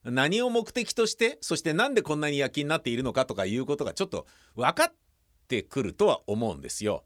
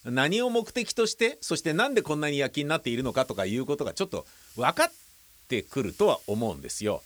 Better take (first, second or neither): first